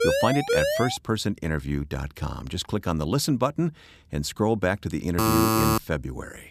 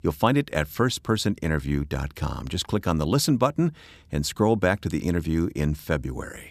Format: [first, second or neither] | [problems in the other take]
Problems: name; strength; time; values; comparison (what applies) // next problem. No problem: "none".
second | siren; loud; at the start; peak 3 dB above the speech // alarm; loud; at 5 s; peak 6 dB above the speech